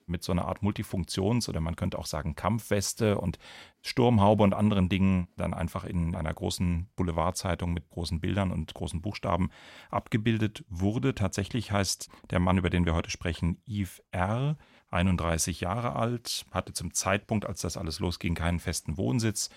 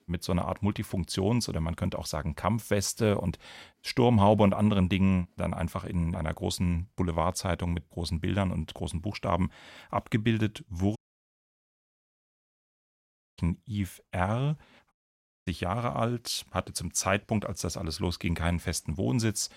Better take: first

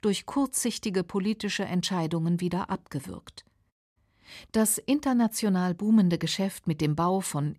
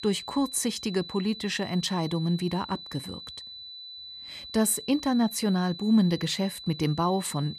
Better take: first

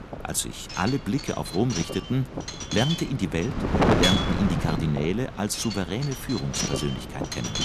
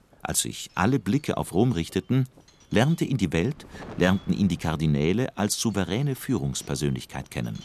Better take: second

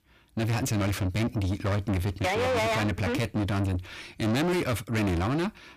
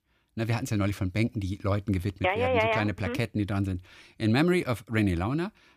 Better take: second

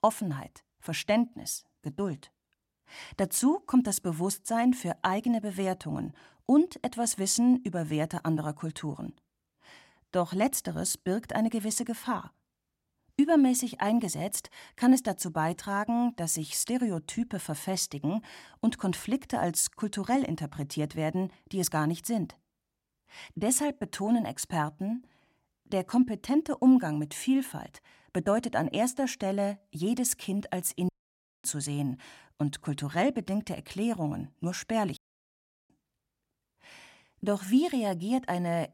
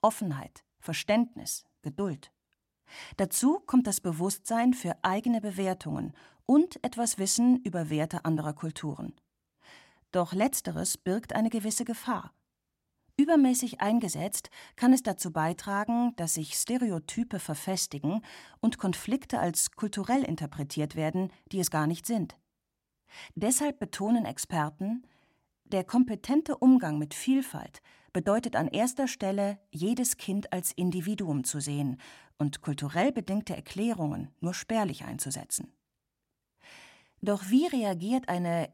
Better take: second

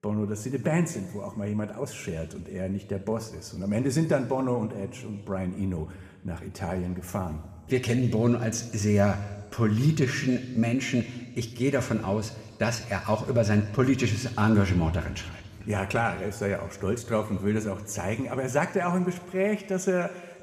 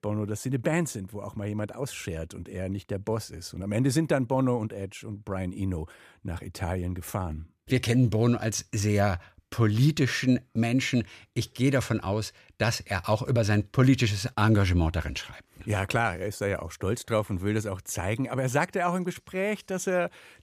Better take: second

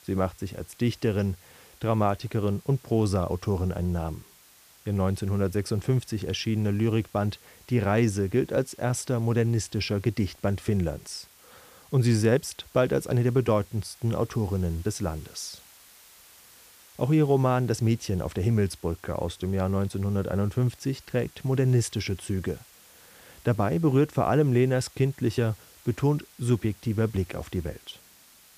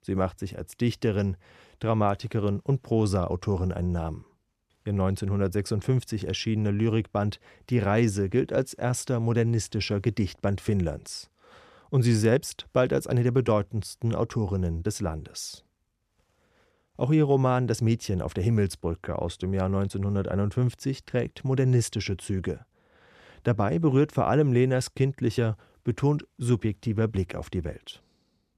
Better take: second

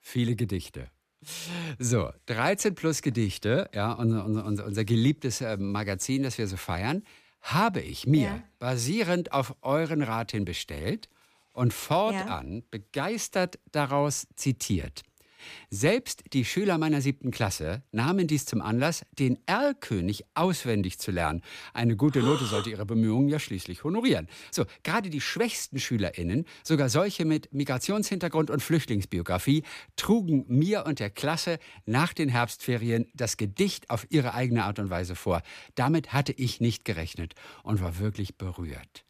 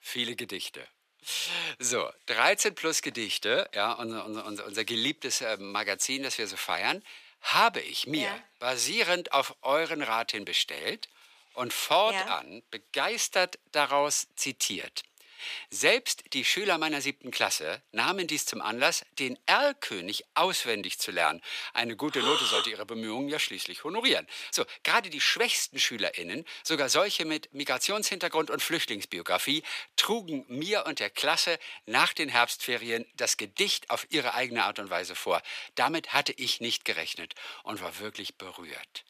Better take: first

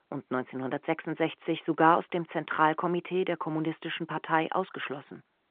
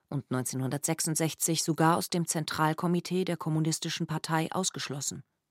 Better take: second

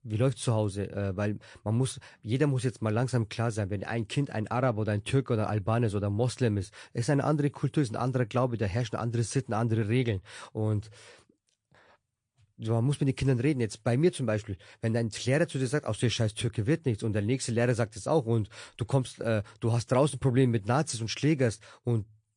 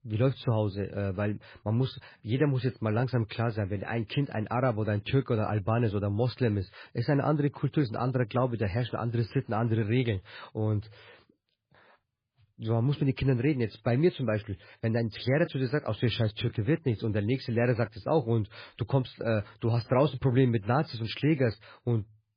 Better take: first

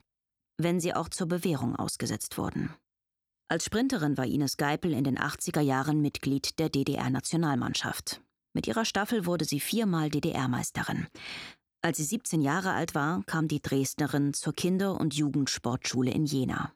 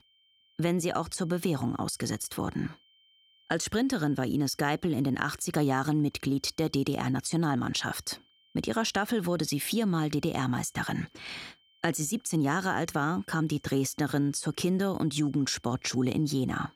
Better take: first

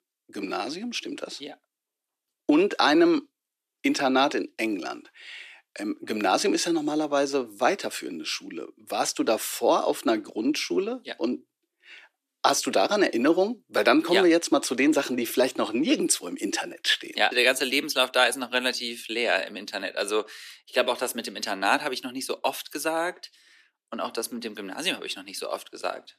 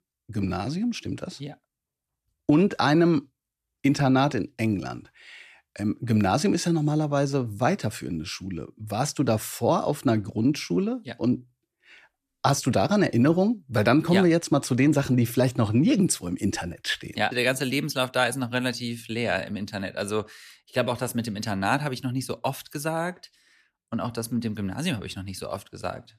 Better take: second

